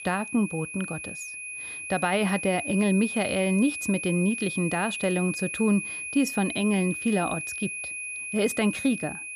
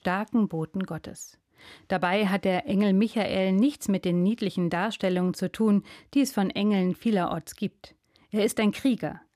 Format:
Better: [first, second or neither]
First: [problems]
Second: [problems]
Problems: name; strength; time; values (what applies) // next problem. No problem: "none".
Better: second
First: high-pitched whine; loud; throughout; 2.5 kHz, 6 dB below the speech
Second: none